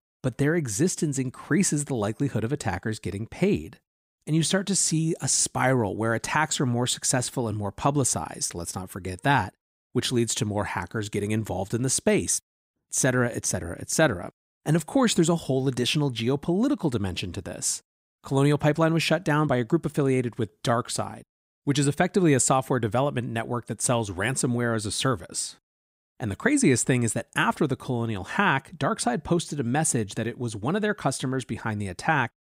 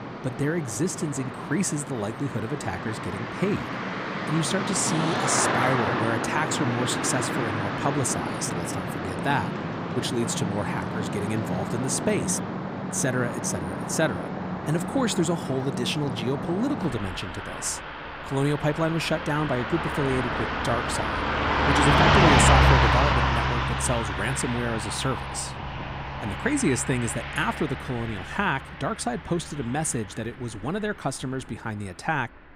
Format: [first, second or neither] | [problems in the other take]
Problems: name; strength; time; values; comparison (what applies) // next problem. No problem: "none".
first | traffic noise; very loud; throughout; 1 dB above the speech